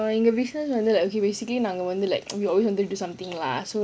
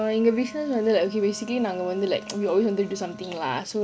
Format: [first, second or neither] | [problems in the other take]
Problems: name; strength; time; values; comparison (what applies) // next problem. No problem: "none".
first | background sound (Wind instrument, woodwind instrument); 18 dB below the speech